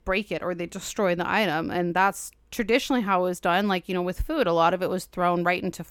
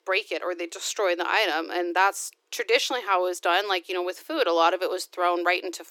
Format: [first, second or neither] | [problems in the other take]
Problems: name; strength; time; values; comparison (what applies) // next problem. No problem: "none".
first | thin; very; fading below 350 Hz